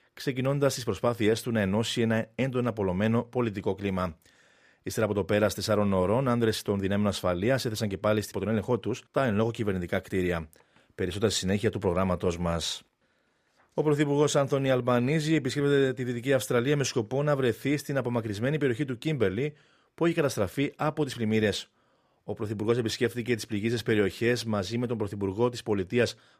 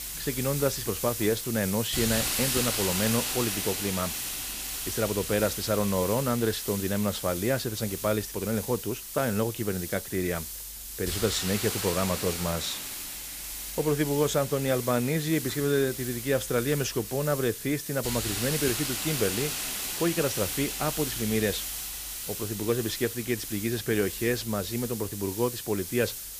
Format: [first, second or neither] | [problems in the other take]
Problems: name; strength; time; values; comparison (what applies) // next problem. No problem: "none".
first | hiss; loud; throughout; 3 dB below the speech